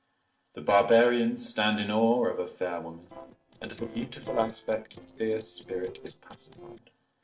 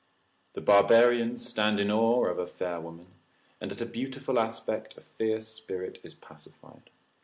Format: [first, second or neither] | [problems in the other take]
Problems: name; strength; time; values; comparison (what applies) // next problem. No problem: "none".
second | noise reduction (neural separator model SepFormer DNS4)